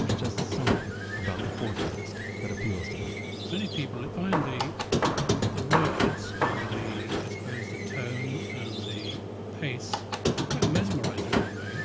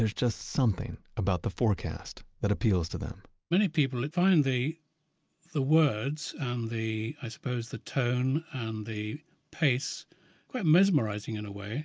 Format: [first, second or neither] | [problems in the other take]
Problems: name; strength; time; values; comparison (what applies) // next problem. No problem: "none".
second | background sound (Squeak + Hammer); 5 dB above the speech